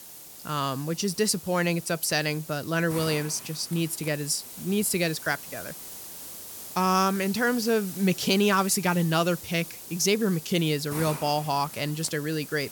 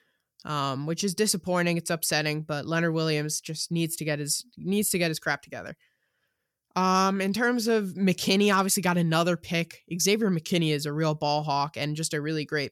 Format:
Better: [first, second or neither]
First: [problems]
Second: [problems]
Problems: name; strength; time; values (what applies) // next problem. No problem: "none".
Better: second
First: hiss; noticeable; throughout; 10 dB below the speech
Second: none